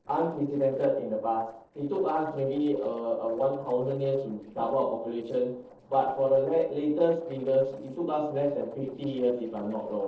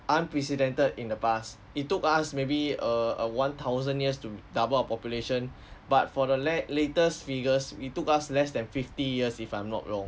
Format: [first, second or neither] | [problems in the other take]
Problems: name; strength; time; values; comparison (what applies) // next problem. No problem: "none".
second | noise reduction (neural separator model SepFormer DNS4)